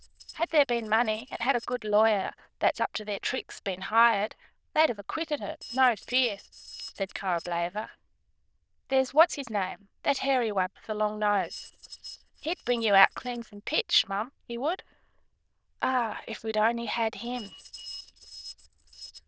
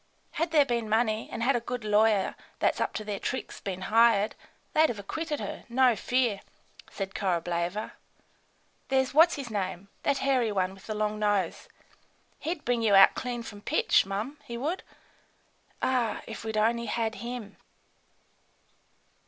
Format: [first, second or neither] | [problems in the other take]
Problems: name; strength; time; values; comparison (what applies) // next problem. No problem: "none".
second | noise reduction (neural diffusion model UNIVERSE++)